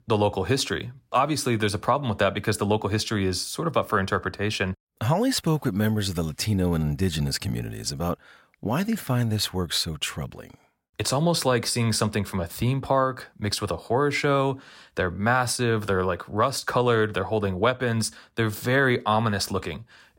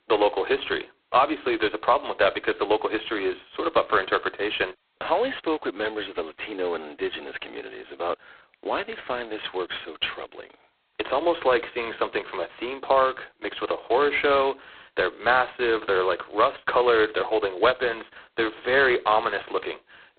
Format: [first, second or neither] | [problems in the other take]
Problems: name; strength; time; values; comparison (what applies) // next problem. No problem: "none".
first | phone-call audio; poor line; nothing above 4 kHz